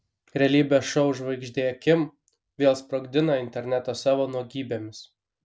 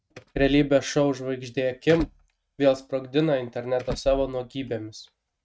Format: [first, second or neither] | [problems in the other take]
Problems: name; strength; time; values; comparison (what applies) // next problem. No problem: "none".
first | noise reduction (neural mask model RNNoise)